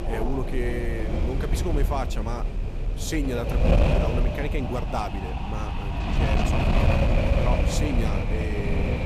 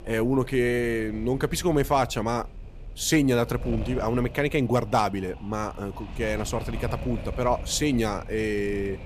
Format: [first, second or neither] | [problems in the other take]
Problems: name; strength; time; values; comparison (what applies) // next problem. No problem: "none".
second | wind noise on the microphone; heavy; 2 dB above the speech; occasional gusts in the second